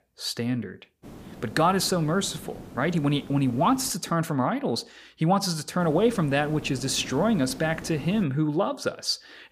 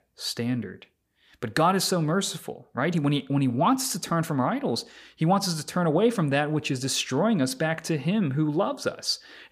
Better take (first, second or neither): second